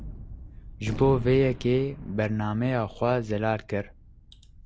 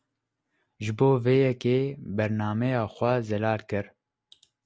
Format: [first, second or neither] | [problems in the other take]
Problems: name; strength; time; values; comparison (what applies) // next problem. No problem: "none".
second | background sound (Gunshot, gunfire); 13 dB below the speech